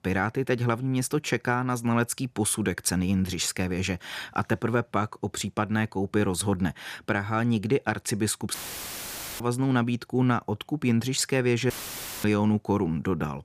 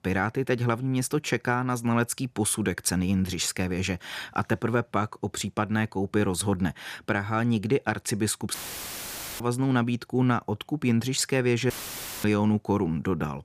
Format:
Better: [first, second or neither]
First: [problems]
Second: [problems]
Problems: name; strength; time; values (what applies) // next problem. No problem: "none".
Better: neither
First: audio cutting out; filled with static; at 8.5 s for 1 s and at 12 s for 0.5 s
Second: audio cutting out; filled with static; at 8.5 s for 1 s and at 12 s for 0.5 s